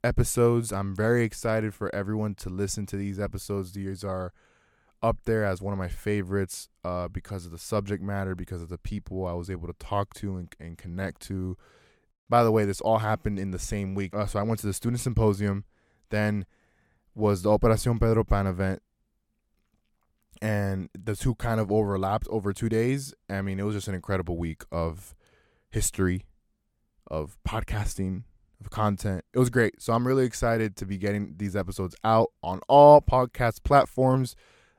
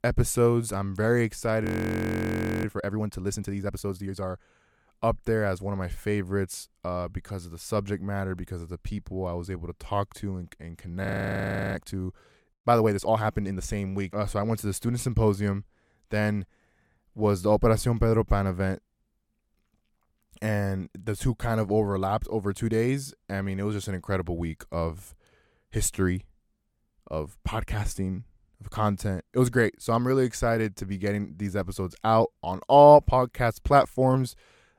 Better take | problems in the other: first | audio freezing; at 1.5 s for 1 s and at 11 s for 0.5 s

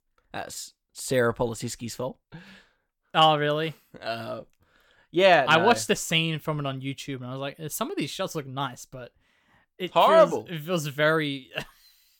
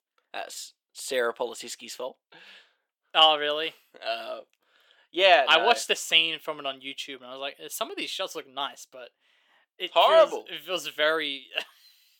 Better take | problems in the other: first | thin; very; fading below 350 Hz

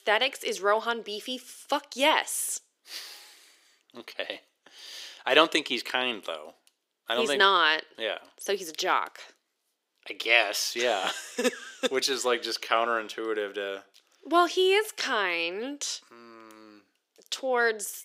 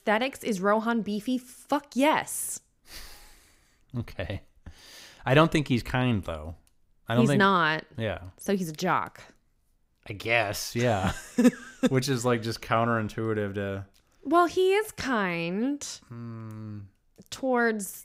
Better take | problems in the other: second | thin; somewhat; fading below 350 Hz

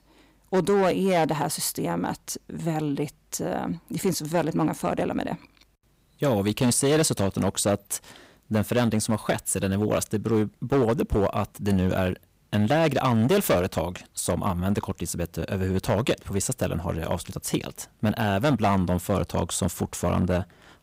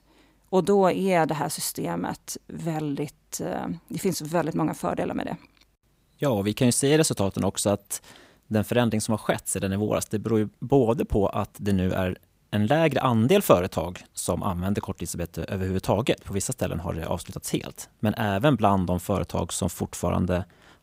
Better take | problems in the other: second | distortion; slight; 5% of the sound clipped

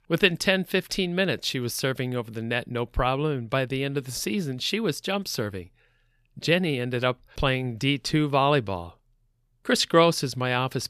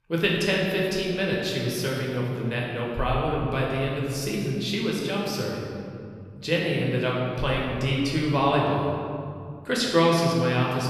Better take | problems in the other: first | room echo; noticeable; dies away in 2.1 s // off-mic speech; far

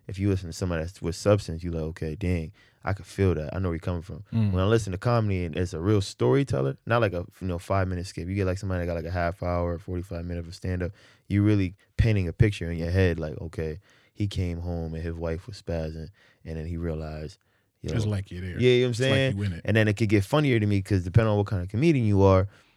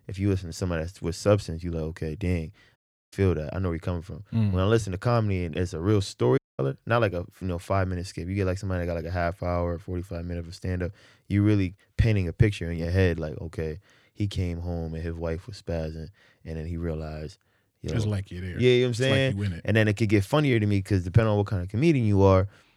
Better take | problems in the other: first | audio cutting out; at 3 s and at 6.5 s

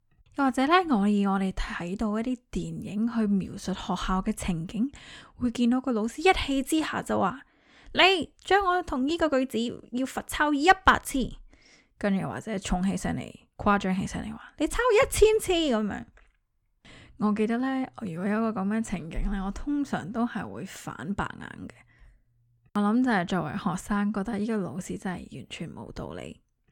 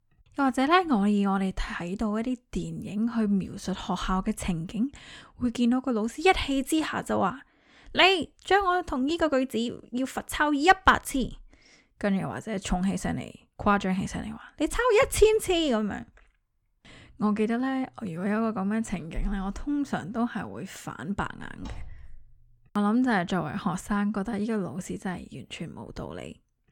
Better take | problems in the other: first | door banging; faint; from 21 to 22 s; peak 15 dB below the speech

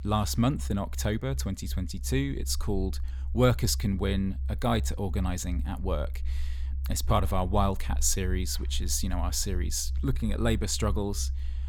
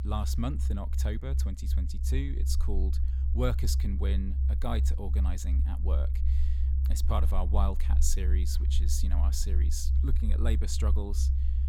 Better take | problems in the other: first | low rumble; loud; throughout; 8 dB below the speech; faint in the first

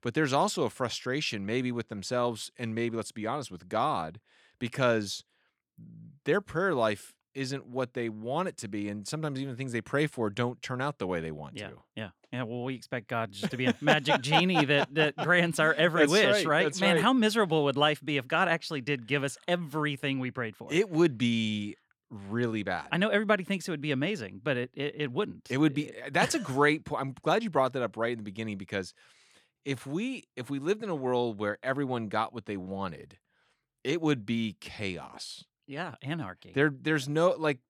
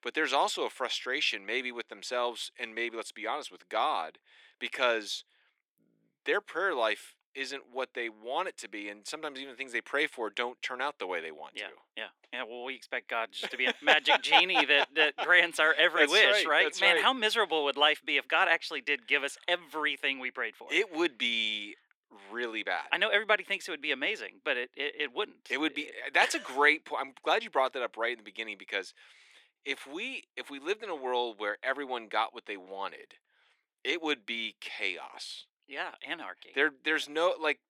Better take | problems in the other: first | thin; very; fading below 350 Hz

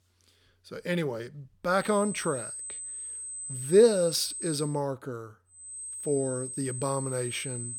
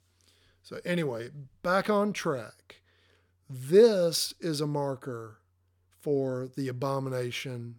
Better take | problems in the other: second | high-pitched whine; loud; from 2 to 4.5 s and from 5.5 s on; 8.5 kHz, 8 dB below the speech

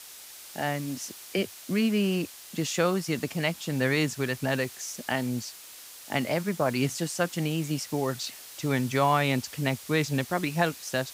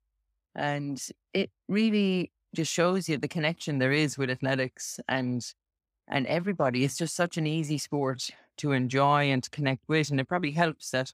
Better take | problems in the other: second | hiss; noticeable; throughout; 15 dB below the speech

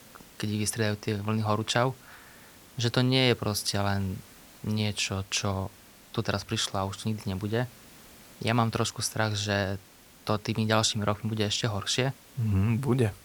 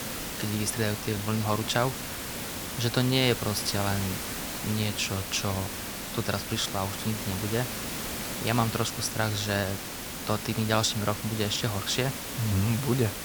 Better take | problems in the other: first | hiss; loud; throughout; 5 dB below the speech; faint in the first

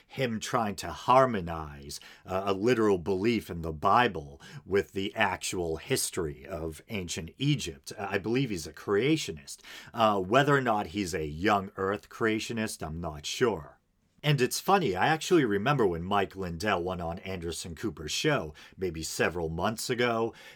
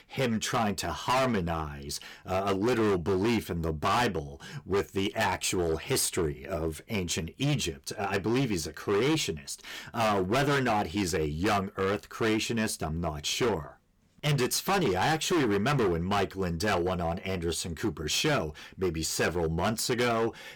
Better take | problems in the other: first | distortion; heavy; 15% of the sound clipped

